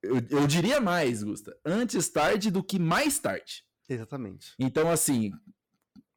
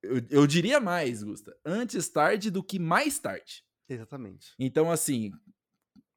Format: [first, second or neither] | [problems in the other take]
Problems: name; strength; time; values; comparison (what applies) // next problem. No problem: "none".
second | distortion; heavy; 10% of the sound clipped